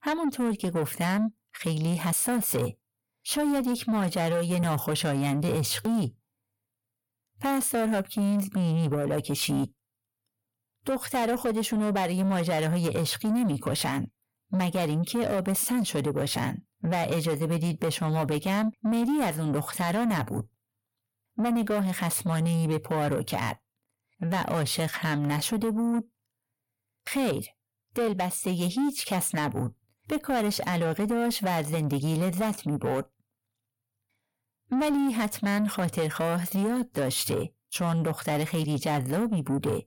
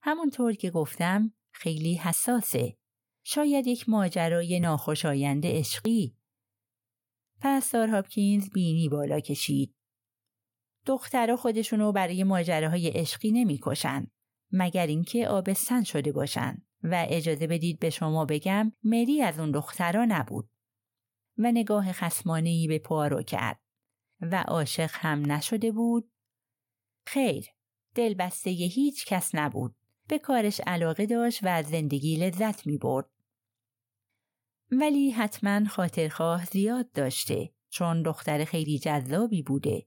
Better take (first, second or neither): second